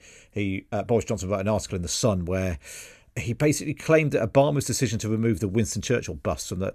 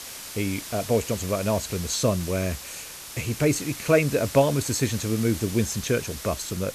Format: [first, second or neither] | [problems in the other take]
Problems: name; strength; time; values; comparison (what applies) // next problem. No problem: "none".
first | hiss; noticeable; throughout; 10 dB below the speech